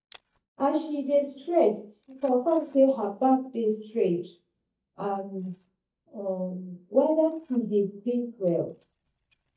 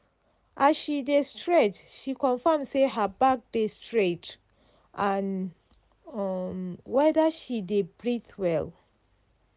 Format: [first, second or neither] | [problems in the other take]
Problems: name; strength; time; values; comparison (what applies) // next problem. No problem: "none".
second | noise reduction (neural mask model DeepFilterNet 3)